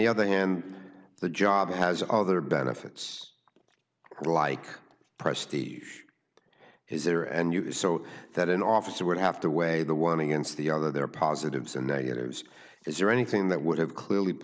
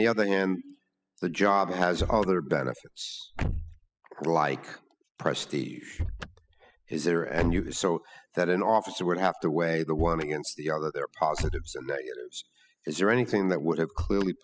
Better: first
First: none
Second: noise reduction (classical method spectral subtraction)

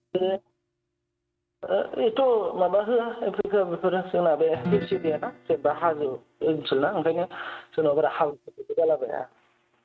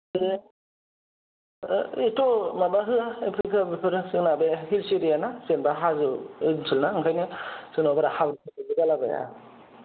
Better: second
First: noise reduction (neural mask model RNNoise)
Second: none

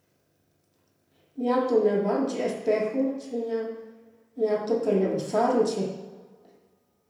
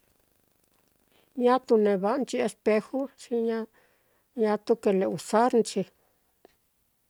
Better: second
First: room echo; dies away in 0.9 s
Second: none

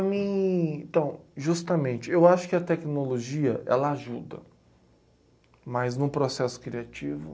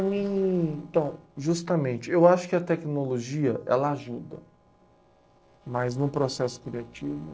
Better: first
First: none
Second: noise reduction (neural separator model SepFormer DNS4)

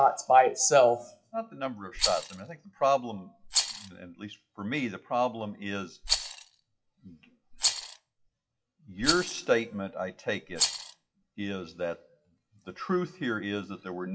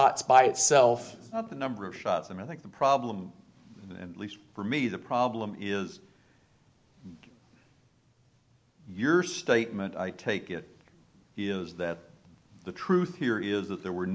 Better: second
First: noise reduction (classical method WPE with log-MMSE)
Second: none

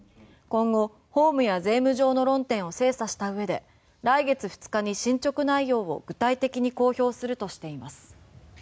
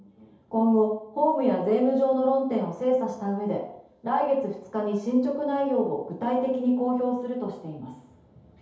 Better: first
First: none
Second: room echo; dies away in 0.8 s

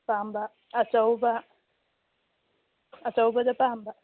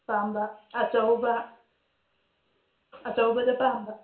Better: first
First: none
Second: room echo; dies away in 0.4 s

